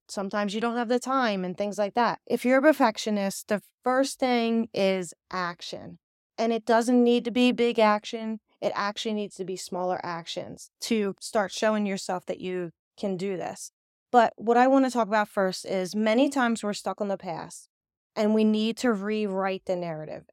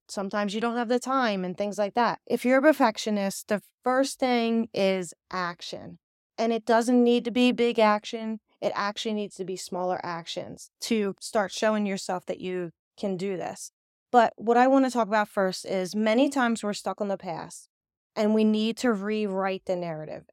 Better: neither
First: none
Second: none

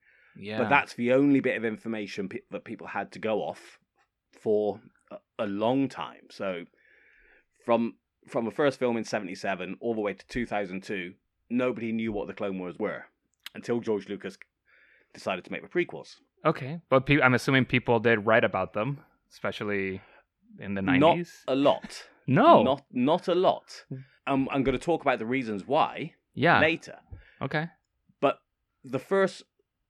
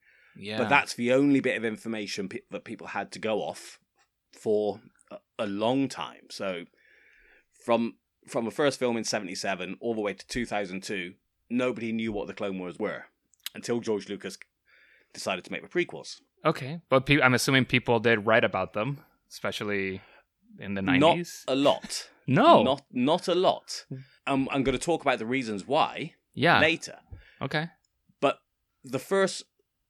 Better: second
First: muffled; slightly; fading above 3.5 kHz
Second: none

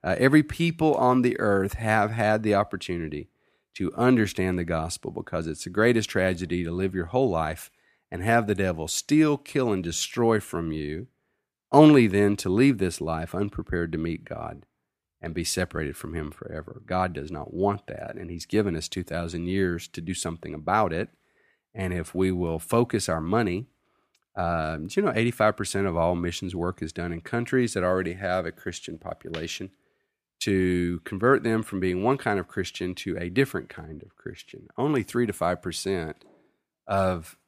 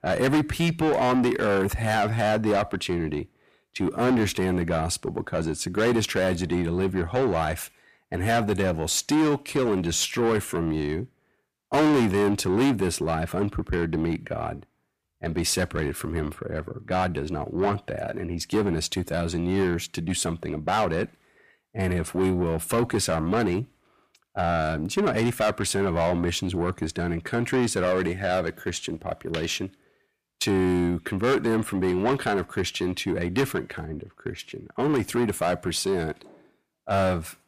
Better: first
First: none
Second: distortion; heavy; 6 dB below the speech

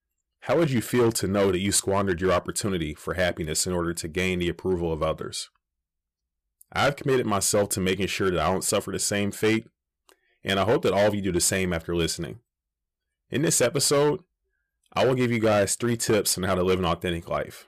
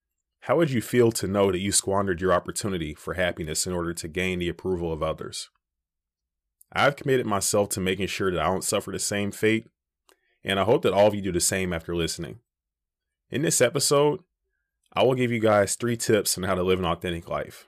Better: second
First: distortion; slight; 6% of the sound clipped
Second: none

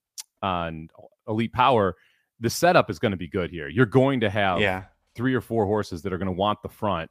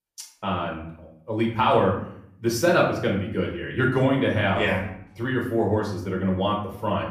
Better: first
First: none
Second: off-mic speech; far // room echo; slight; dies away in 0.6 s

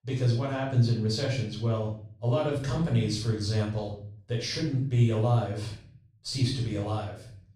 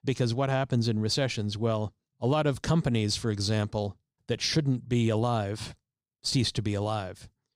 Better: second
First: off-mic speech; far // room echo; noticeable; dies away in 0.5 s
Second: none

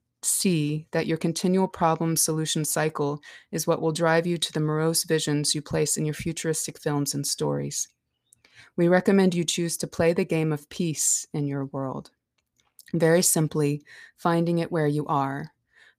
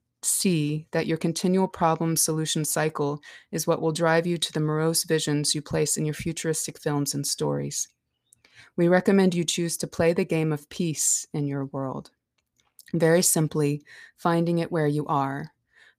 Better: neither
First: none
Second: none

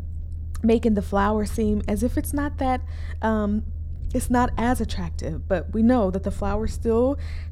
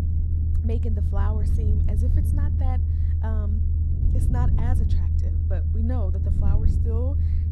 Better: first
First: low rumble; faint; throughout; 25 dB below the speech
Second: low rumble; loud; throughout; as loud as the speech

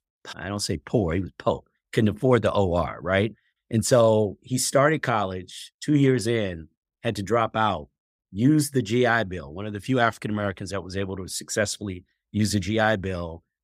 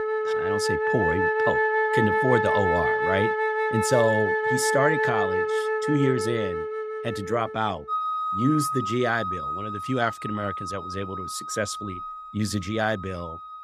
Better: first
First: none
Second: background music; very loud; throughout; 2 dB above the speech

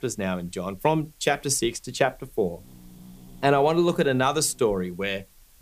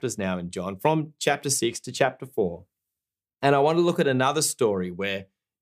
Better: second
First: hiss; faint; throughout; 25 dB below the speech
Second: none

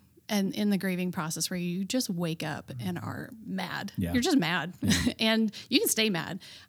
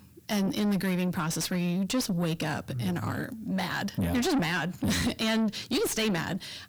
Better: first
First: none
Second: distortion; heavy; 6 dB below the speech

